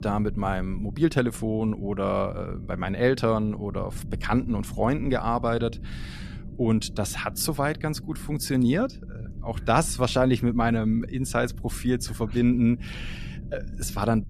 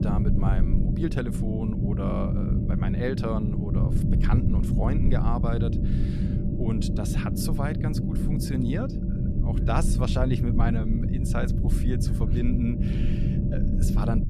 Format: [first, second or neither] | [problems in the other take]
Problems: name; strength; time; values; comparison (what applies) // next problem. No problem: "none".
first | low rumble; loud; throughout; 1 dB below the speech; faint in the first